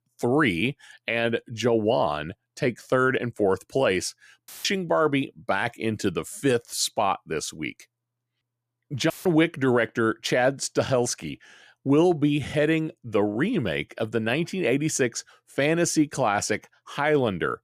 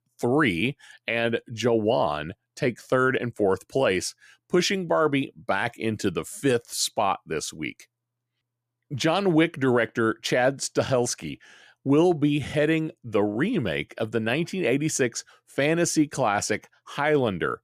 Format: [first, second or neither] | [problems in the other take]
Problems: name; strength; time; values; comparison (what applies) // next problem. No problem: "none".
second | audio cutting out; filled with static; at 4.5 s and at 9 s